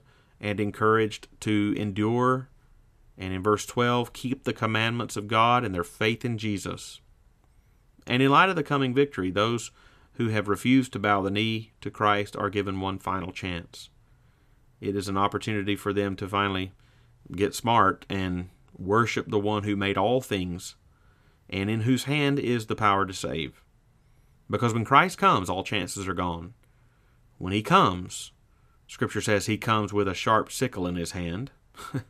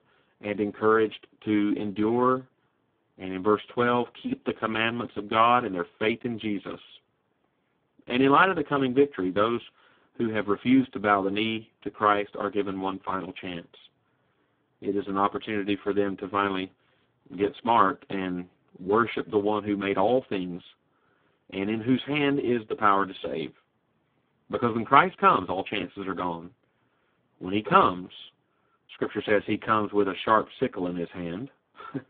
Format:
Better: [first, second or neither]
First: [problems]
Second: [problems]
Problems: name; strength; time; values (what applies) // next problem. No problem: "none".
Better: first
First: none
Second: phone-call audio; poor line